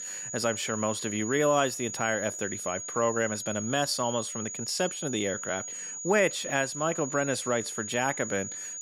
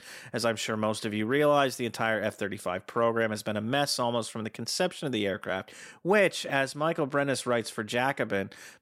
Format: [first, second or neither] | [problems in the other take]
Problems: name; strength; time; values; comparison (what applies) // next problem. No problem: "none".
second | high-pitched whine; loud; throughout; 6.5 kHz, 6 dB below the speech